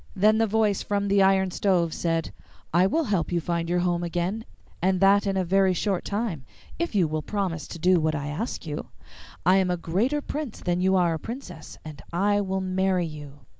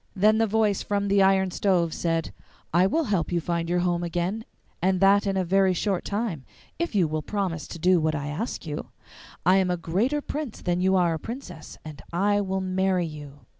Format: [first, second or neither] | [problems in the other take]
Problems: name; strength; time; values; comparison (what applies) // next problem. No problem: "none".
second | background sound (Cricket); 16 dB below the speech